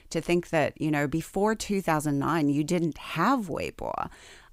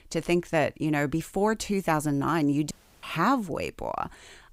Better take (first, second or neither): first